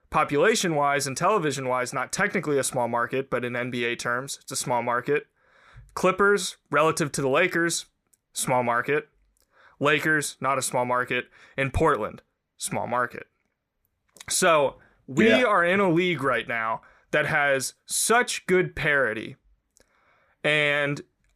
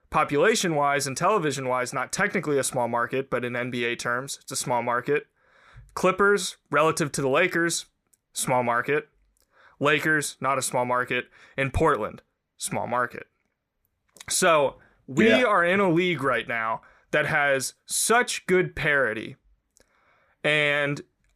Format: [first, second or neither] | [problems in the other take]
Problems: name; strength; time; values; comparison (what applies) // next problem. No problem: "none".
neither | none